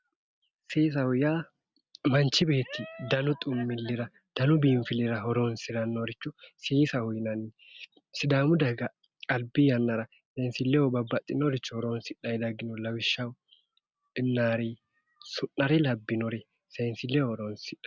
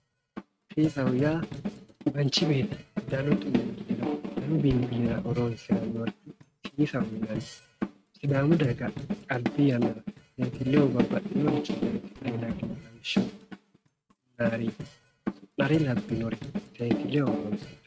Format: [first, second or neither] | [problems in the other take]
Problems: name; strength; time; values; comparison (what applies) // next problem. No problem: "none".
first | noise reduction (neural mask model RNNoise)